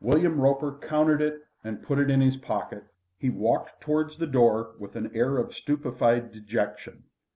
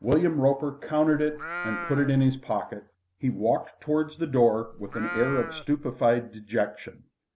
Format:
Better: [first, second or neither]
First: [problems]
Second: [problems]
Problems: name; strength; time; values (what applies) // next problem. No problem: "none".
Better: first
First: none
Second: background sound (Livestock, farm animals, working animals); 10 dB below the speech